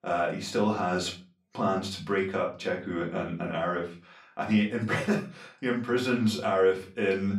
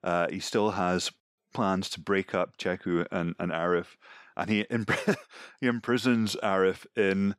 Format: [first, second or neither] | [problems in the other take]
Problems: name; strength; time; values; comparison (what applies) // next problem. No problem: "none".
second | off-mic speech; far // room echo; slight; dies away in 0.3 s